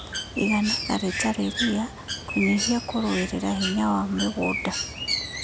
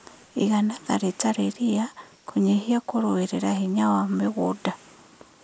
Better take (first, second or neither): second